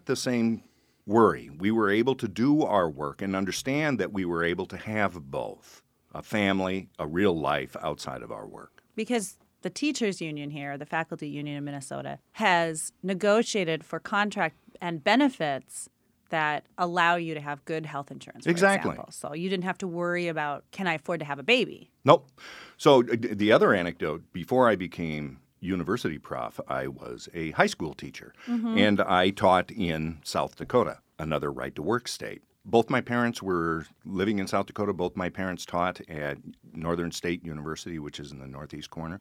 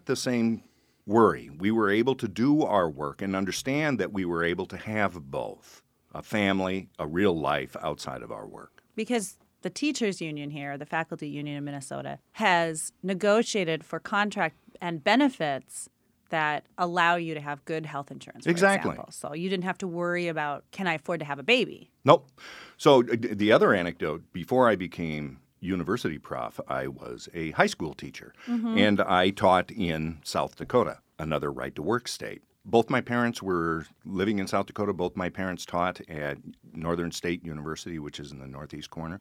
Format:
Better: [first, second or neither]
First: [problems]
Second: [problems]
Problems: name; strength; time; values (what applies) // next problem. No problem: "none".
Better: neither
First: none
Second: none